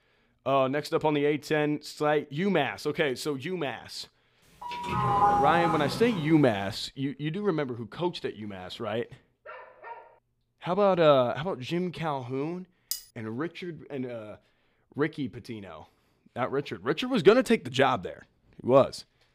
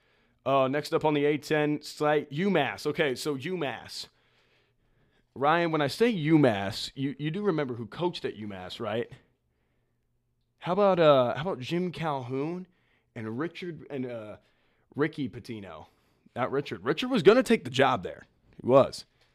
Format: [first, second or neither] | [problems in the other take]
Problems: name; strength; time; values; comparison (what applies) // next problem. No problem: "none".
second | doorbell; loud; from 4.5 to 6.5 s; peak 4 dB above the speech // dog barking; faint; at 9.5 s; peak 15 dB below the speech // clattering dishes; noticeable; at 13 s; peak 8 dB below the speech